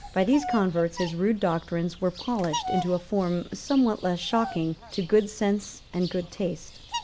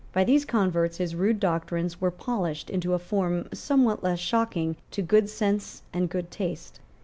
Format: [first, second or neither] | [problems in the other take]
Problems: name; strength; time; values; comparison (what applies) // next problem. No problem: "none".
second | background sound (Bird vocalization, bird call, bird song); 12 dB below the speech